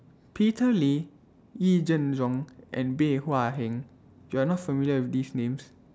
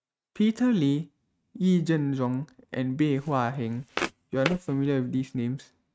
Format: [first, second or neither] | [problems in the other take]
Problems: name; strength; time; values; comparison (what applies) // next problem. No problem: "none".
first | noise reduction (neural mask model RNNoise)